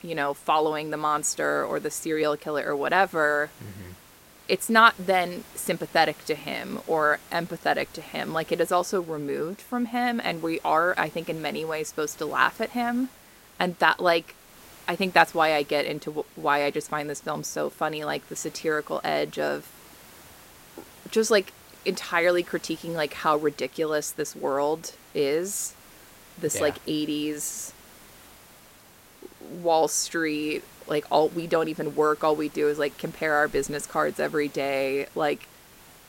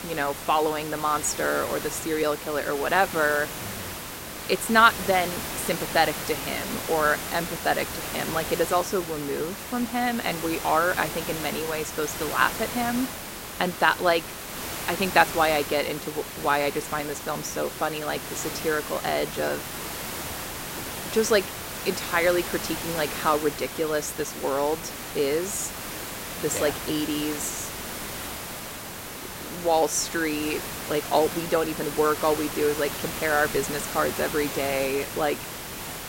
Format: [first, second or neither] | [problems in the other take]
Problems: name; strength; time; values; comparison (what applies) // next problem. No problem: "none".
first | hiss; loud; throughout; 7 dB below the speech; faint in the first